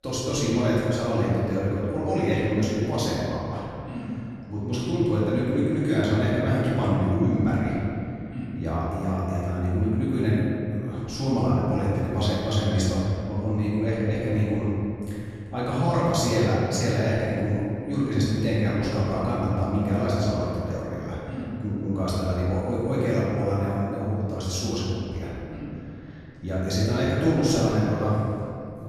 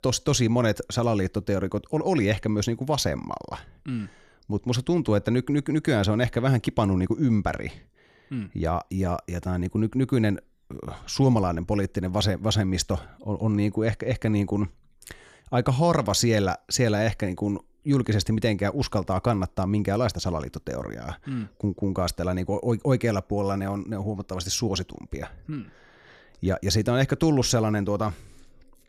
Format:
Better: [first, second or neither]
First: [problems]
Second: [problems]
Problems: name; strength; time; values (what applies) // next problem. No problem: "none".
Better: second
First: off-mic speech; far // room echo; strong; dies away in 2.6 s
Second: none